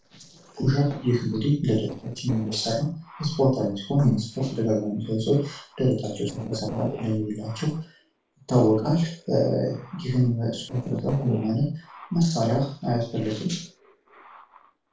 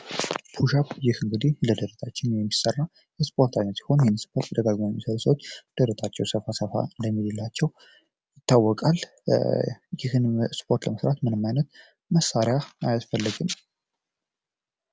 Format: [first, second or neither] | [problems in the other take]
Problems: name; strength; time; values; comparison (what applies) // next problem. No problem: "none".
second | noise reduction (neural separator model SepFormer DNS4)